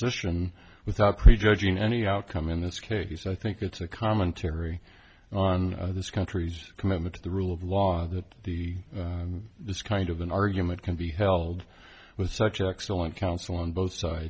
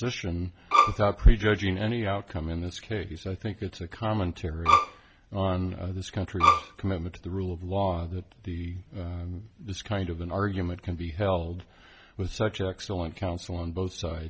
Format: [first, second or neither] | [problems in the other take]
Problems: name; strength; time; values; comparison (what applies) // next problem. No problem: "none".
first | background sound (Bowed string instrument); 4 dB above the speech